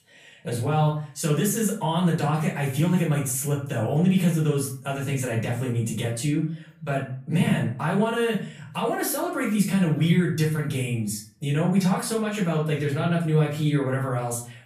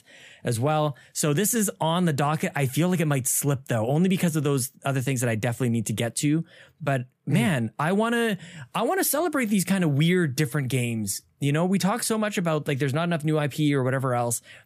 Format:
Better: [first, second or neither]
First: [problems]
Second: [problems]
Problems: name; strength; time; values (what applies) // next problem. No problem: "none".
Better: second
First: off-mic speech; far // room echo; slight; dies away in 0.4 s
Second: none